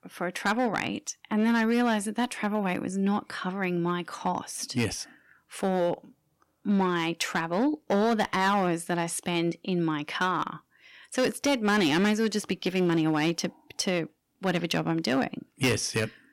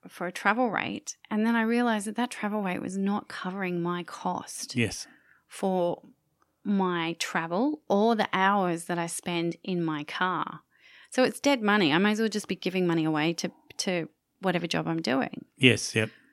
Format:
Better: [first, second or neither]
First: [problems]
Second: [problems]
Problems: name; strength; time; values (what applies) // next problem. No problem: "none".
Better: second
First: distortion; slight; 5% of the sound clipped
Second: none